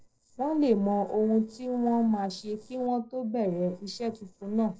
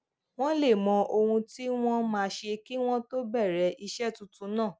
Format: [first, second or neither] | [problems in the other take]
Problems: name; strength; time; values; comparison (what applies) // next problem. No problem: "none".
second | noise reduction (neural separator model SepFormer DNS4)